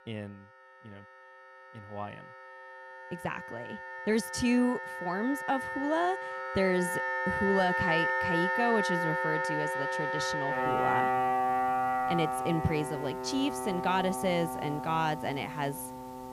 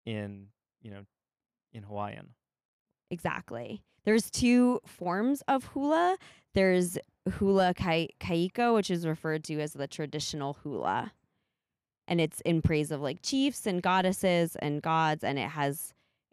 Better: second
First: background music; very loud; throughout; as loud as the speech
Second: none

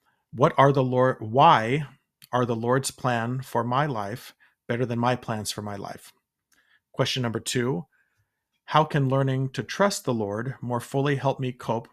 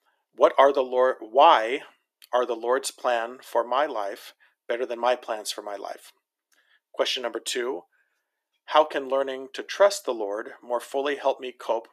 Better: first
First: none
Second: thin; very; fading below 300 Hz

